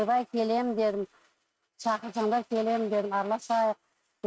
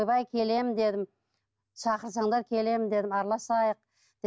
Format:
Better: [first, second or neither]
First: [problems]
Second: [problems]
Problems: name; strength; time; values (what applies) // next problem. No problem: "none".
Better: second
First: noise reduction (neural mask model RNNoise)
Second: none